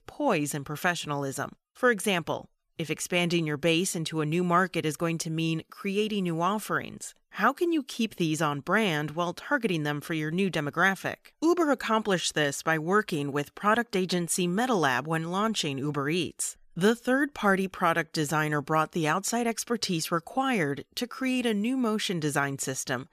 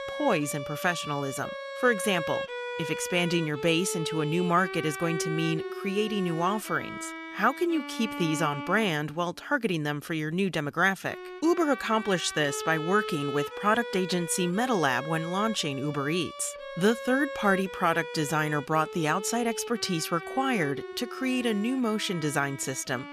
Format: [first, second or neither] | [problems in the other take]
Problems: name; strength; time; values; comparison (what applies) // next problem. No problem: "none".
first | background music; loud; throughout; 9 dB below the speech